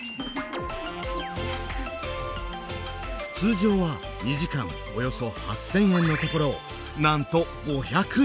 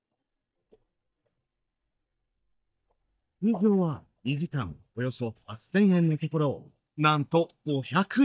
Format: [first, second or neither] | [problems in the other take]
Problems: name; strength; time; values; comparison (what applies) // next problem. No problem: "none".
first | noise reduction (neural mask model DeepFilterNet 3)